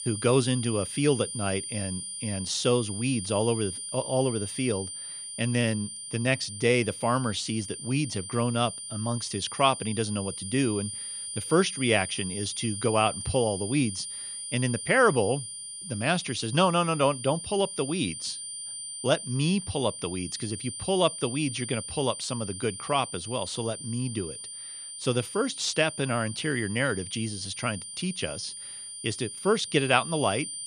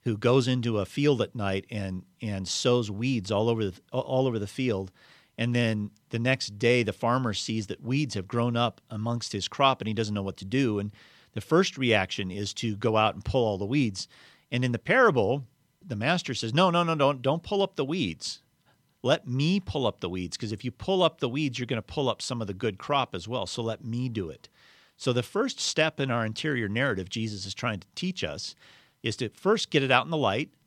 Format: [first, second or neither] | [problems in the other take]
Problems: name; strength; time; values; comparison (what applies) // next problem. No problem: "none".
second | high-pitched whine; loud; throughout; 9 kHz, 7 dB below the speech